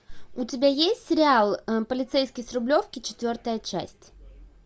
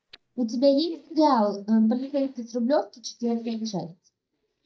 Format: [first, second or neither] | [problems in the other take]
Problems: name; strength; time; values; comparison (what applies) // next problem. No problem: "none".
first | noise reduction (neural mask model DeepFilterNet 3)